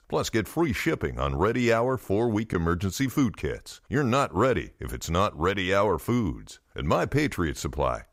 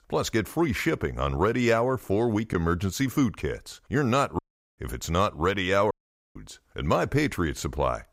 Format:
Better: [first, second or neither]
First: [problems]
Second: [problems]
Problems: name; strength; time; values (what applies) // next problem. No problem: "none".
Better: first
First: none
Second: audio cutting out; at 4.5 s and at 6 s